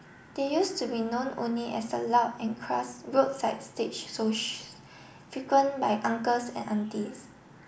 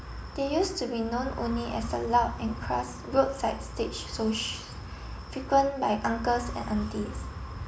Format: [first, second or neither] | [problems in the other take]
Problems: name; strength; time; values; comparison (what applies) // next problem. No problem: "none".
first | background sound (Wind); 9 dB below the speech